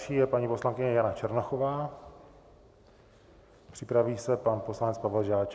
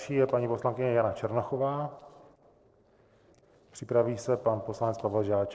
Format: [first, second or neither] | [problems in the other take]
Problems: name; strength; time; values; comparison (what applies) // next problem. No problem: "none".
first | noise reduction (neural separator model SepFormer DNS4)